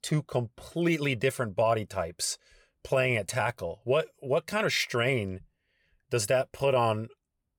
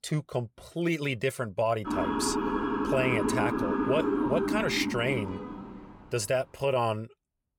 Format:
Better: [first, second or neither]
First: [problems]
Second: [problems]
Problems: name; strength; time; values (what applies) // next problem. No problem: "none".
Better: first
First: none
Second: siren; loud; from 2 to 6 s; peak 2 dB above the speech